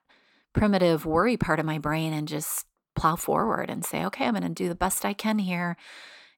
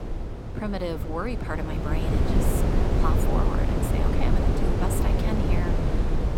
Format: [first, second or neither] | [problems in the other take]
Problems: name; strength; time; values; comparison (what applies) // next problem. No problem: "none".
first | wind noise on the microphone; heavy; 2 dB above the speech